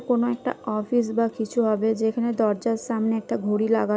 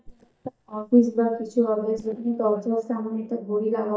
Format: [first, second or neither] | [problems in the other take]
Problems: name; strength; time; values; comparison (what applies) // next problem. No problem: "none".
first | noise reduction (neural mask model DeepFilterNet 3)